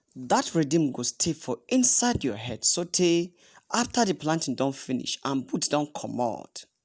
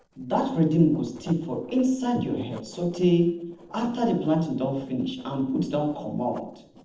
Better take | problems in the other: first | noise reduction (neural separator model SepFormer DNS4)

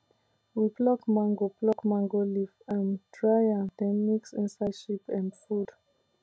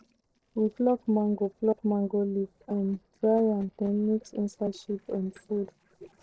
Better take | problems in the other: first | noise reduction (neural separator model SepFormer DNS4)

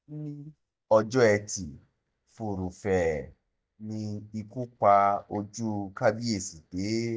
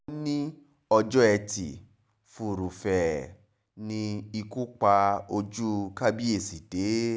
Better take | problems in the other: second | noise reduction (neural mask model DeepFilterNet 3)

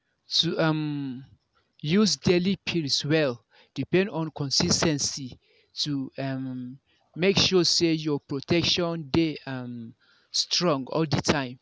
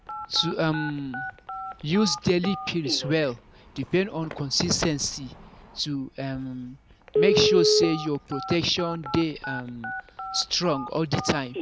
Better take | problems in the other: first | background sound (Telephone); 4 dB below the speech

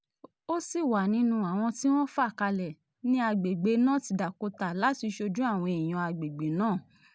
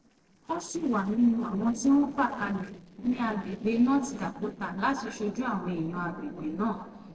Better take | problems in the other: first | noise reduction (neural separator model SepFormer DNS4)

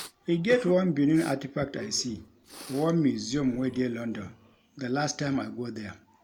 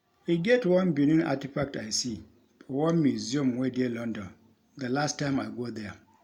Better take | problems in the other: second | background sound (Respiratory sounds); 18 dB below the speech

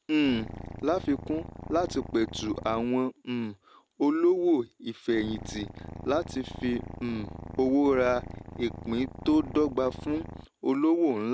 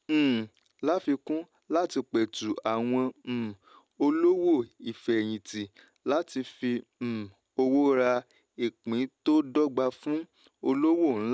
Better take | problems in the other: second | background sound (Purr); 12 dB below the speech

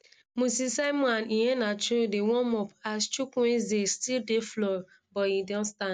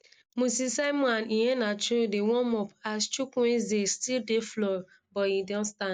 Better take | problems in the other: first | noise reduction (neural mask model Resemble Enhance denoiser)

